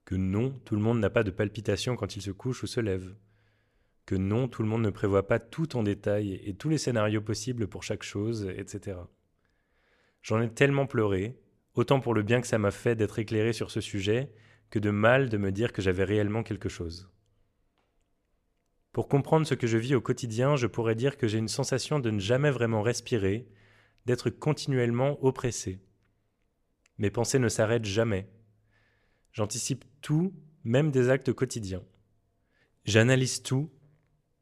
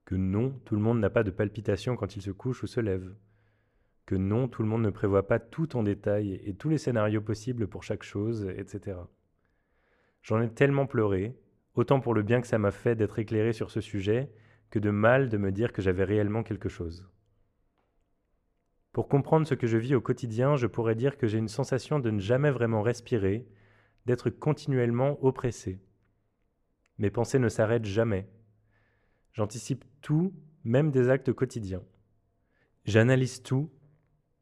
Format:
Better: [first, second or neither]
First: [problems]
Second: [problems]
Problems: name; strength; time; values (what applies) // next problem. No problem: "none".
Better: first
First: none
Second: muffled; slightly; fading above 2.5 kHz